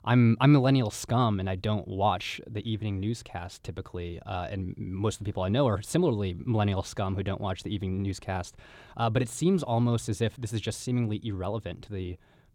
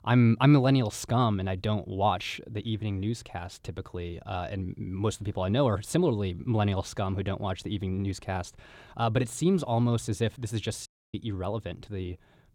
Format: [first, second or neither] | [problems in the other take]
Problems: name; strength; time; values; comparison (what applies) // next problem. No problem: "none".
first | audio cutting out; at 11 s